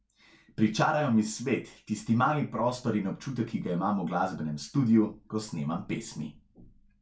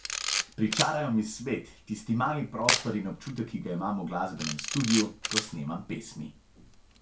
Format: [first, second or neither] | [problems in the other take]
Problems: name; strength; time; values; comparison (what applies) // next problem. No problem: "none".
first | background sound (Camera); 3 dB below the speech